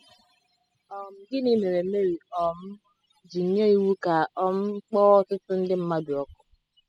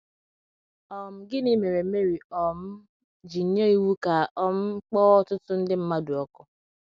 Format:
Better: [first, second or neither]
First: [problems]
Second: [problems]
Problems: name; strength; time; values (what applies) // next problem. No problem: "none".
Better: second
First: noise reduction (classical method spectral subtraction)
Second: none